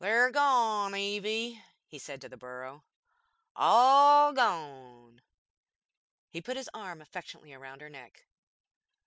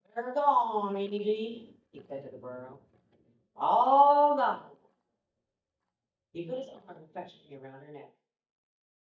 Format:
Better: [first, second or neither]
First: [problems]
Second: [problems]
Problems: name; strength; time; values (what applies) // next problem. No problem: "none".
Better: first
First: none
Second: noise reduction (neural mask model DeepFilterNet 3)